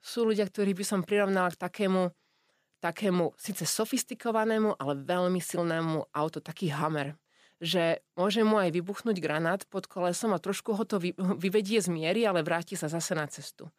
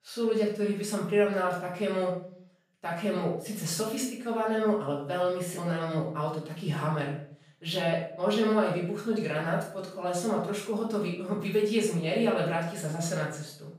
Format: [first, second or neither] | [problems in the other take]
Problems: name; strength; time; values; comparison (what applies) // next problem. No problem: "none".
first | room echo; noticeable; dies away in 0.5 s // off-mic speech; far